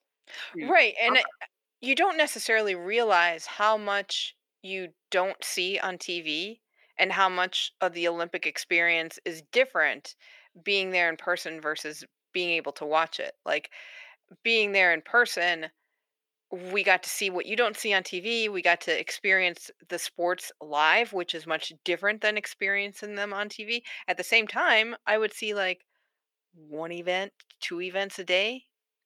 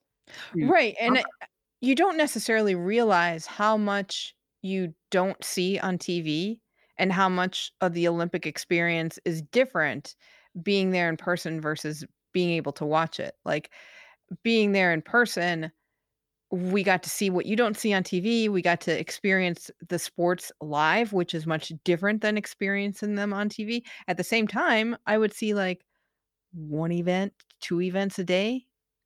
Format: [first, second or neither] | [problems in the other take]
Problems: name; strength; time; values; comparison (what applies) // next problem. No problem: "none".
second | thin; very; fading below 500 Hz